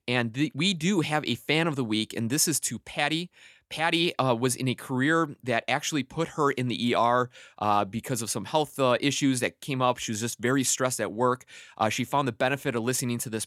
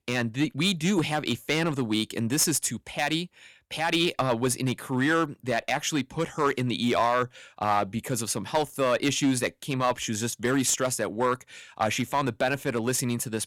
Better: first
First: none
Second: distortion; slight; 3% of the sound clipped

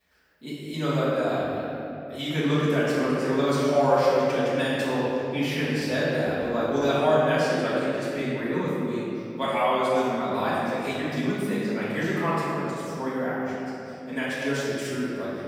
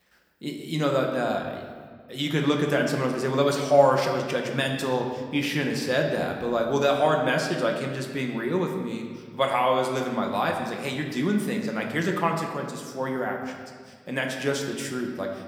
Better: second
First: room echo; strong; dies away in 2.8 s // off-mic speech; far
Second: room echo; slight; dies away in 1.4 s

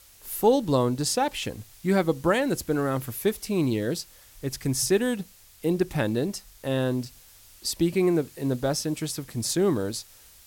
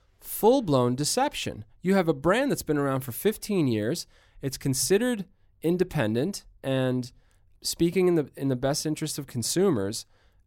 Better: second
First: hiss; faint; throughout; 25 dB below the speech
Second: none

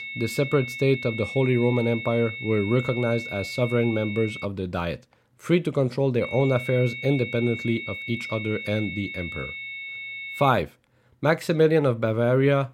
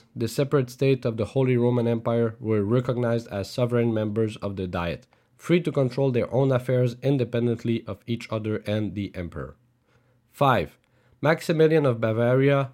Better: second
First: high-pitched whine; loud; until 4.5 s and from 6 to 11 s; 2 kHz, 9 dB below the speech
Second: none

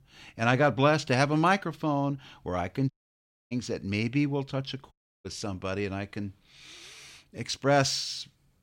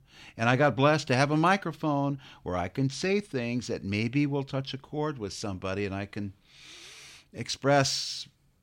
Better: second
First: audio cutting out; at 3 s for 0.5 s and at 5 s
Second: none

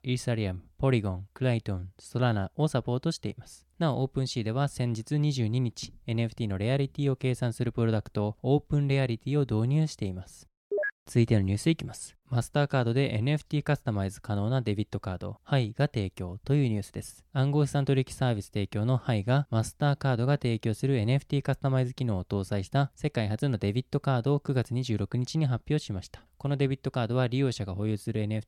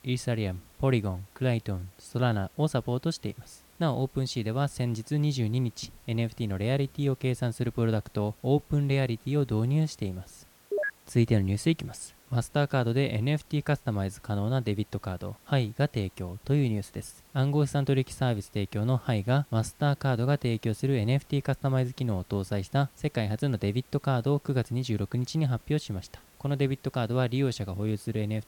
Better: first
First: none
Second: hiss; faint; throughout; 25 dB below the speech

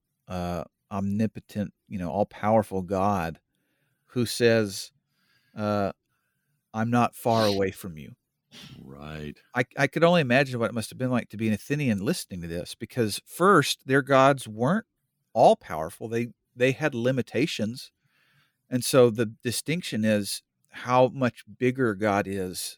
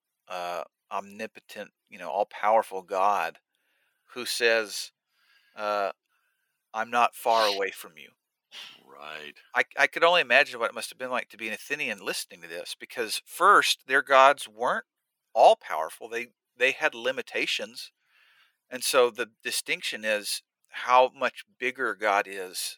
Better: first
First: none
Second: thin; very; fading below 650 Hz

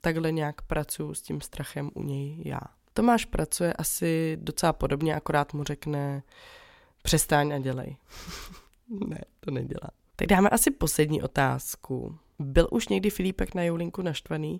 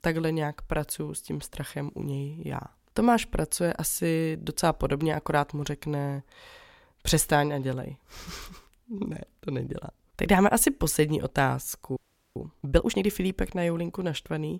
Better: first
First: none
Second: audio freezing; at 12 s

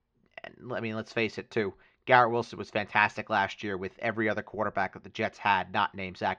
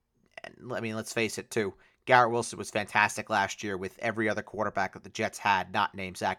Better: second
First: muffled; slightly; fading above 4.5 kHz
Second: none

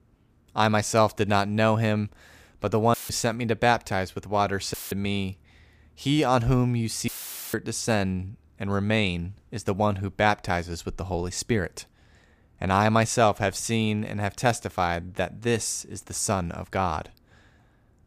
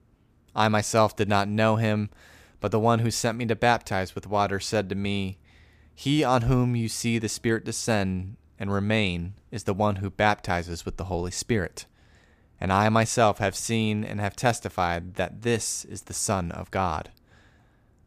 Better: second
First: audio cutting out; filled with static; at 3 s, at 4.5 s and at 7 s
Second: none

